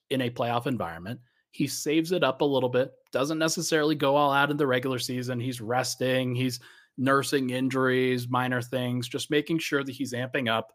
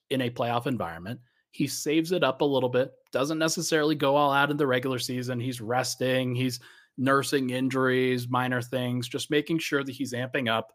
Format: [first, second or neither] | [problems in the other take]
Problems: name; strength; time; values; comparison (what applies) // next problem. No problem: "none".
neither | none